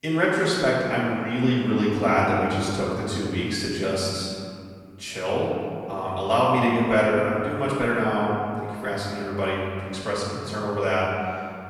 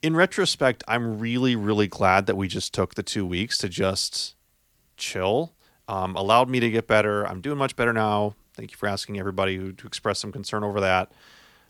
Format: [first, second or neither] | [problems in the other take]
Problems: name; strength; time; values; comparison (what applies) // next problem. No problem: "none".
second | off-mic speech; far // room echo; strong; dies away in 2.2 s